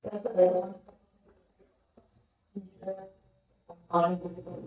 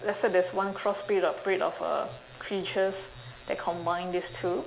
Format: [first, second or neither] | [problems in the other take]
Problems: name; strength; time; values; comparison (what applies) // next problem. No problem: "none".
second | noise reduction (neural mask model DeepFilterNet 3)